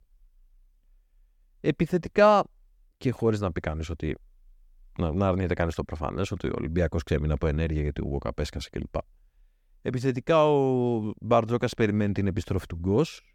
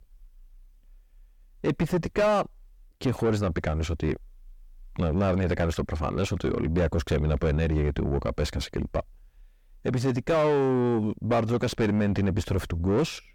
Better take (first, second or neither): first